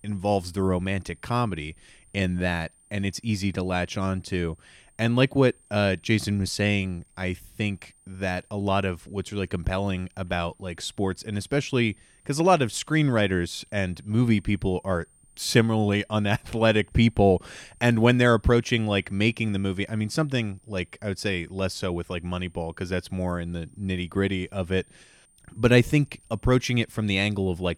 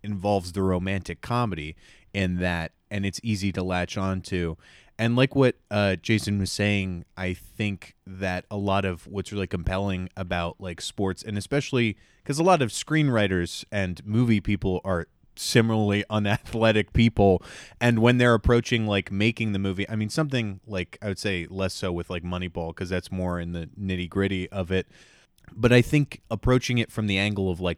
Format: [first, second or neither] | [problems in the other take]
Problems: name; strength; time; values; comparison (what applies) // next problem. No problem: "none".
second | high-pitched whine; faint; throughout; 8.5 kHz, 30 dB below the speech